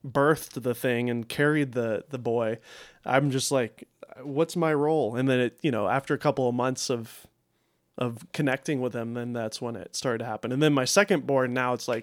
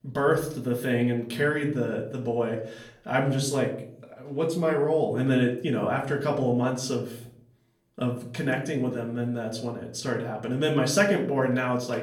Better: first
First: none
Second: off-mic speech; far // room echo; slight; dies away in 0.5 s

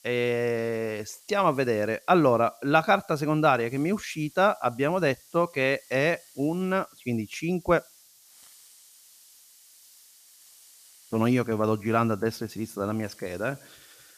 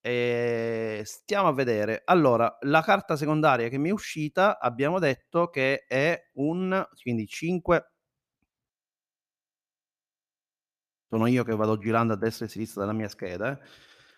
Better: second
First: hiss; faint; throughout; 25 dB below the speech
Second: none

